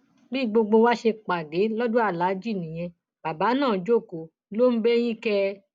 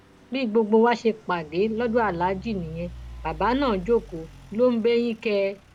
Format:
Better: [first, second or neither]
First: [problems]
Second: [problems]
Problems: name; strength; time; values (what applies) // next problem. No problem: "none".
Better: first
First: none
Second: background sound (Idling / Truck); 19 dB below the speech